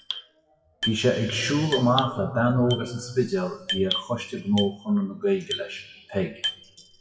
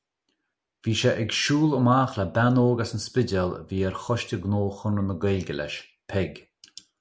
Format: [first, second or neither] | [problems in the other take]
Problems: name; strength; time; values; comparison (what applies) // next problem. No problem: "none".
second | noise reduction (classical method WPE with log-MMSE)